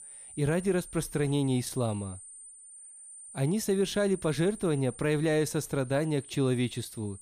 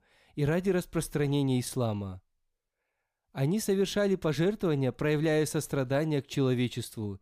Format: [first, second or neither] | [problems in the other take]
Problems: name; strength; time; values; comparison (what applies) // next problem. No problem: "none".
second | high-pitched whine; noticeable; throughout; 9 kHz, 15 dB below the speech